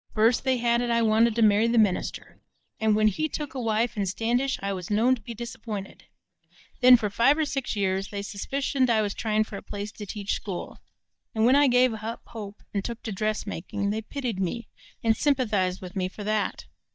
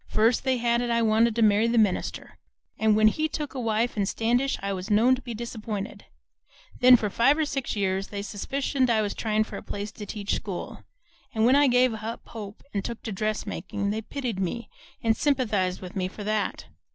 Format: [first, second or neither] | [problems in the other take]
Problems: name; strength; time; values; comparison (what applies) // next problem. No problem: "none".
second | noise reduction (neural mask model DeepFilterNet 3)